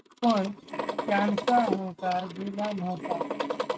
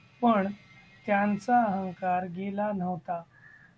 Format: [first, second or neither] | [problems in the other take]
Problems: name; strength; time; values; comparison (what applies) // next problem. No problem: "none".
second | noise reduction (neural mask model RNNoise)